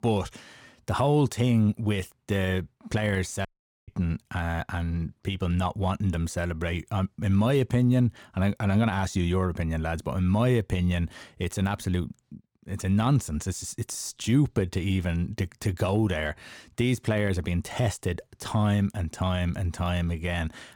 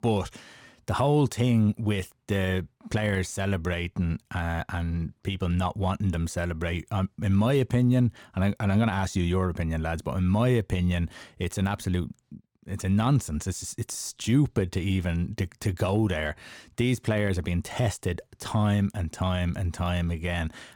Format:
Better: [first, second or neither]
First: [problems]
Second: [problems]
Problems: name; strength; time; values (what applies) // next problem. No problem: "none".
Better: second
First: audio cutting out; at 3.5 s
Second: none